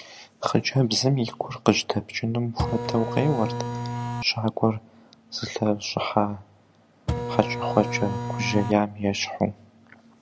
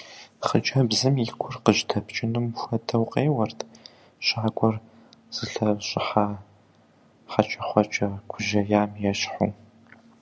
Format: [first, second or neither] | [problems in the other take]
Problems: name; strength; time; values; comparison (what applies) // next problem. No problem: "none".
second | background sound (Printer); 3 dB below the speech